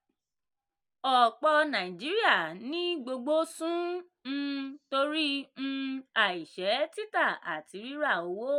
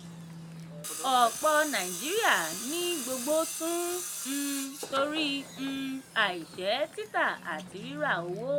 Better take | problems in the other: first | background sound (Tools); 9 dB below the speech

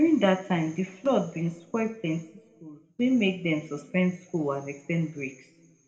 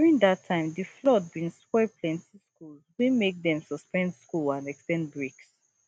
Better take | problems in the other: second | room echo; dies away in 1.2 s

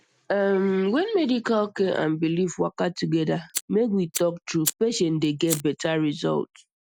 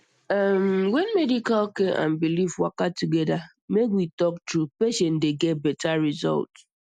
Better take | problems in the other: second | background sound (Fire); 11 dB below the speech

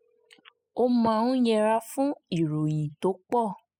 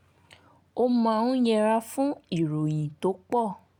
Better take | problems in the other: second | noise reduction (classical method spectral subtraction)

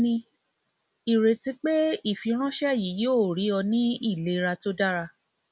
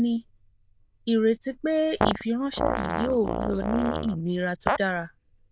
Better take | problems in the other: first | noise reduction (neural diffusion model UNIVERSE++)

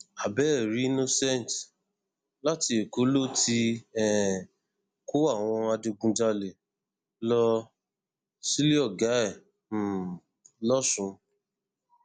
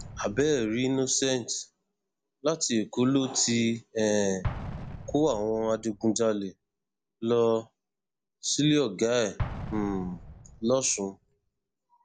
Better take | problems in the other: first | background sound (Explosion); 14 dB below the speech

